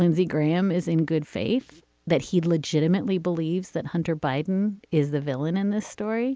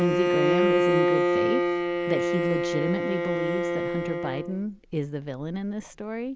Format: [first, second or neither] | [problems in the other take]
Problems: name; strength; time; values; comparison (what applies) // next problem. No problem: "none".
first | background sound (Bowed string instrument); 5 dB above the speech